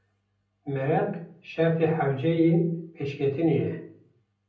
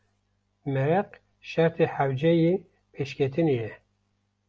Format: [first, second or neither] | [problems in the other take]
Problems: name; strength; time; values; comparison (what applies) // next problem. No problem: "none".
second | room echo; dies away in 0.6 s